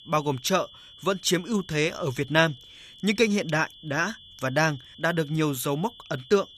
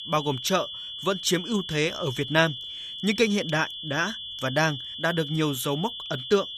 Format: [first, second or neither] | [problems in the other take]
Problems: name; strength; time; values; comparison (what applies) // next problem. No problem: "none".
first | high-pitched whine; loud; throughout; 3.5 kHz, 8 dB below the speech; faint in the first